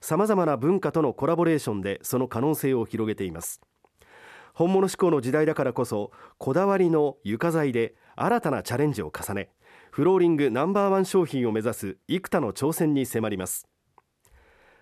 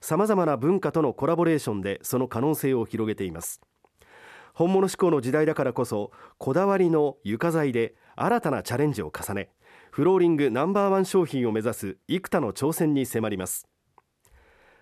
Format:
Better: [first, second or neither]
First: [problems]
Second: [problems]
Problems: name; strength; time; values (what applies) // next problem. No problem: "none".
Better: neither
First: none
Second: none